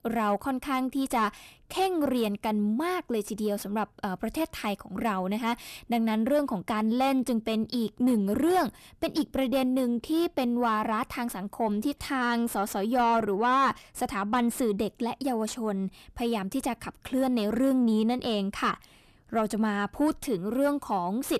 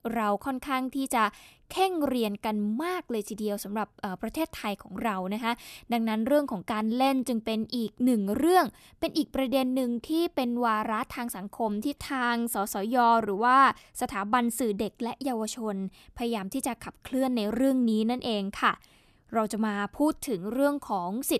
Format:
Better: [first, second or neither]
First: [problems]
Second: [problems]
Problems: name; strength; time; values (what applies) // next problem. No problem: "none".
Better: second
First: distortion; slight; 10 dB below the speech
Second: none